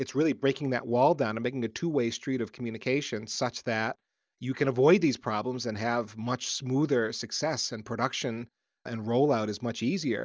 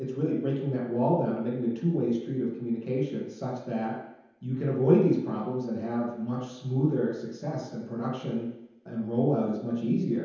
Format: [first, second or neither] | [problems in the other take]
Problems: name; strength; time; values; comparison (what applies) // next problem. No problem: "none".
first | room echo; dies away in 0.9 s